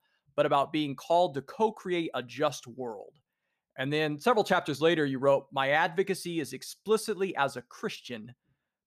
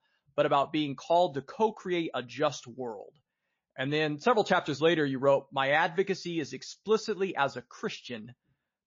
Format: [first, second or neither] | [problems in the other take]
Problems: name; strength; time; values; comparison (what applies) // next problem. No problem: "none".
first | garbled, watery; slightly; nothing above 7 kHz